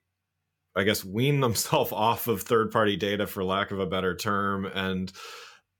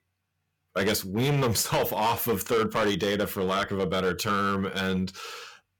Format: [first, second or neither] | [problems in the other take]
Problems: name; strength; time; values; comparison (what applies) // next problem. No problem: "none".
first | distortion; heavy; 10% of the sound clipped